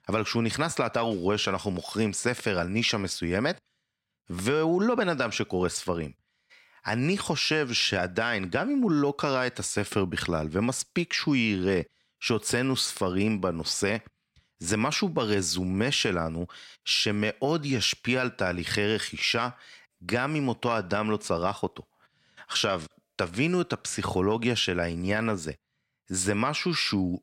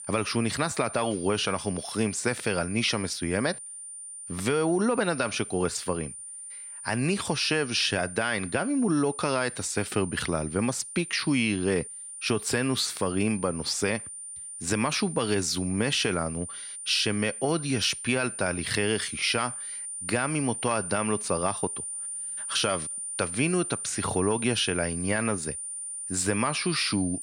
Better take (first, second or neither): first